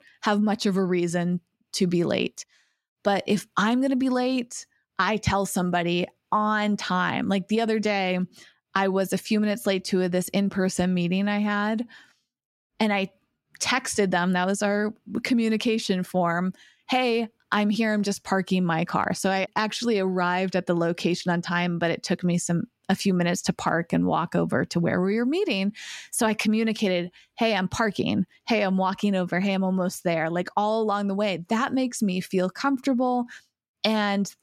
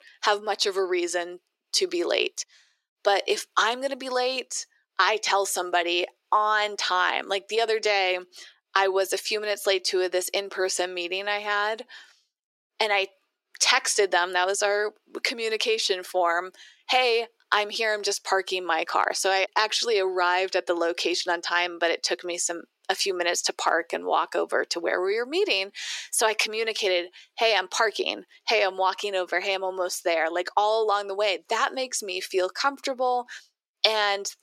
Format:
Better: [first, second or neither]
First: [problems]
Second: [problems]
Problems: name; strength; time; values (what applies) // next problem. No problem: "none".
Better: first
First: none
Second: thin; very; fading below 350 Hz